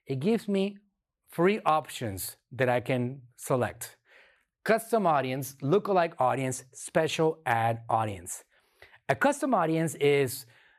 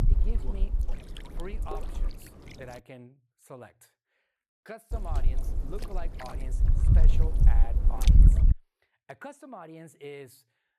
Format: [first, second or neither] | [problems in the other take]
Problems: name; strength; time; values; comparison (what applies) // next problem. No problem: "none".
first | wind noise on the microphone; heavy; until 3 s and from 5 to 8.5 s; as loud as the speech